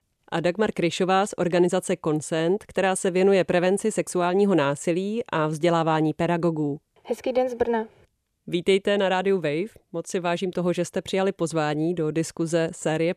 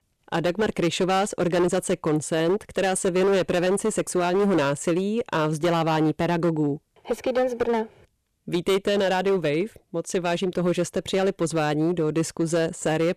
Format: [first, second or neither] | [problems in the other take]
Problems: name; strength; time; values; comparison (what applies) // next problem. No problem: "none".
first | distortion; slight; 14% of the sound clipped